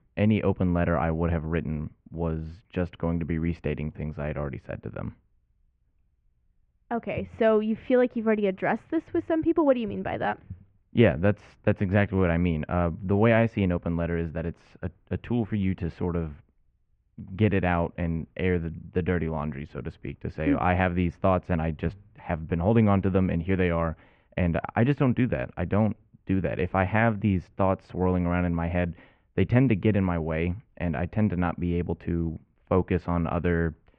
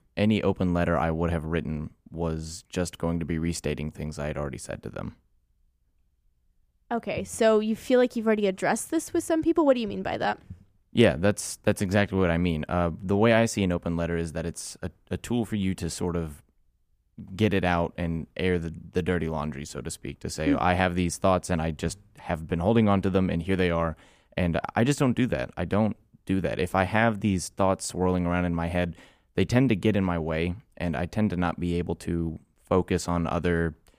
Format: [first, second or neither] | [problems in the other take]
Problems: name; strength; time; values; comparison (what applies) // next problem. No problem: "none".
second | muffled; very; fading above 2.5 kHz